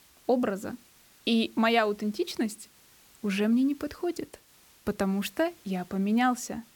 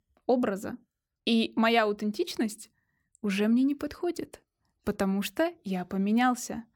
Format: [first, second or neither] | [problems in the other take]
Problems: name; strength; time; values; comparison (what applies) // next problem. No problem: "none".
second | hiss; faint; throughout; 25 dB below the speech